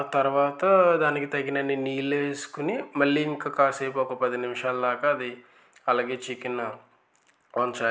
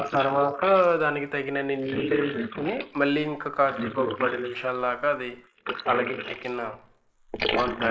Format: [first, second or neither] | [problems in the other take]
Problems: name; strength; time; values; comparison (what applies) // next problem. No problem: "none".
first | noise reduction (neural mask model Resemble Enhance denoiser)